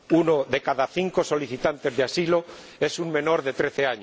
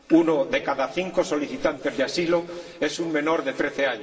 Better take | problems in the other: first | room echo; dies away in 1.7 s

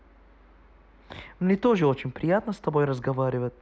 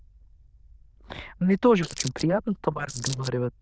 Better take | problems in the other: first | noise reduction (neural diffusion model UNIVERSE++)

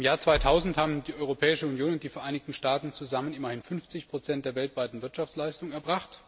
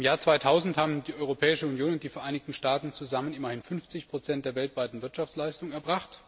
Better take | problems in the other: second | background sound (Tools); 11 dB below the speech

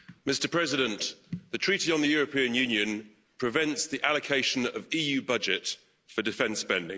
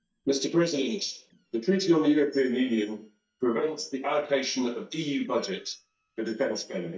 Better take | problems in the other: first | noise reduction (neural mask model DeepFilterNet 3)

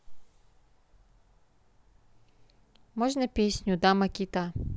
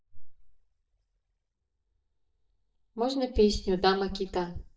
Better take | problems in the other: first | noise reduction (neural mask model DeepFilterNet 3)

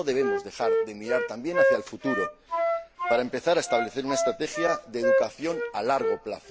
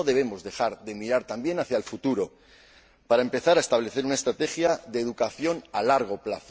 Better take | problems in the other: second | background sound (Wind instrument, woodwind instrument); 1 dB above the speech

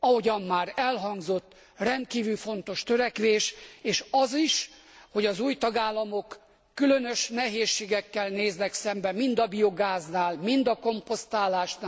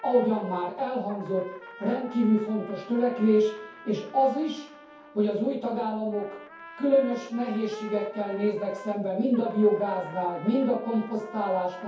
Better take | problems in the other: first | background sound (Trumpet); 19 dB below the speech // room echo; dies away in 0.6 s

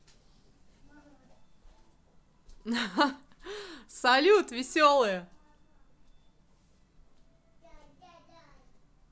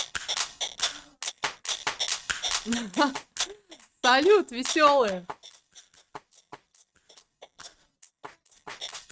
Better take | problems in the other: first | noise reduction (neural mask model RNNoise)

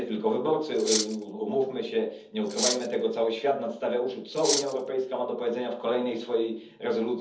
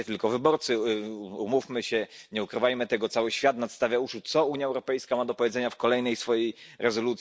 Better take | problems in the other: second | background sound (Cutlery, silverware); 3 dB below the speech // room echo; dies away in 0.7 s

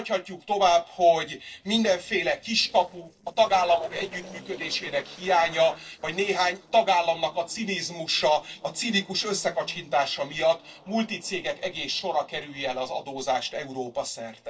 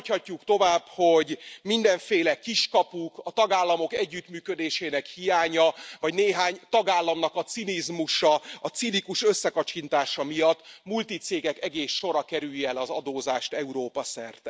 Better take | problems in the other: second | noise reduction (neural separator model SepFormer DNS4)

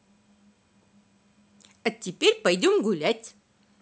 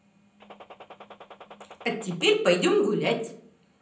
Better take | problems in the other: first | background sound (Gunshot, gunfire); 20 dB below the speech // room echo; dies away in 0.6 s

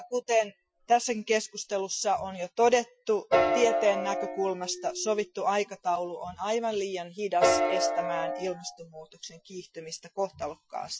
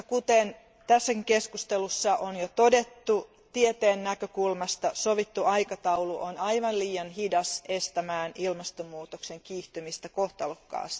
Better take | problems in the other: second | noise reduction (classical method Wiener filter)

